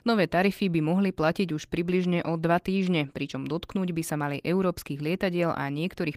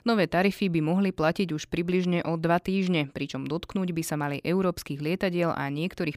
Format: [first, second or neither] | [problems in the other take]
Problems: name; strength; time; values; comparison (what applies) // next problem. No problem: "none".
second | garbled, watery; slightly; nothing above 15 kHz